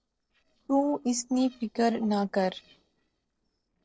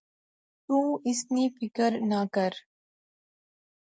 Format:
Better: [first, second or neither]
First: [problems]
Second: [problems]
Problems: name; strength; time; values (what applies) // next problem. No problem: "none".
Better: second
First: noise reduction (neural separator model SepFormer DNS4)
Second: none